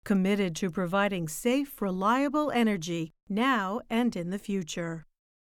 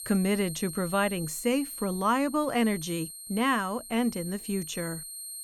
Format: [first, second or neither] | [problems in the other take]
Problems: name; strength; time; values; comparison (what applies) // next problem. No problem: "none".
first | high-pitched whine; loud; throughout; 8.5 kHz, 10 dB below the speech